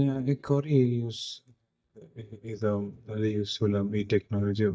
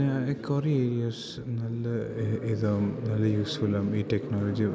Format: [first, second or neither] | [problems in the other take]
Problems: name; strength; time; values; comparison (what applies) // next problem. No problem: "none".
second | noise reduction (neural mask model DeepFilterNet 3)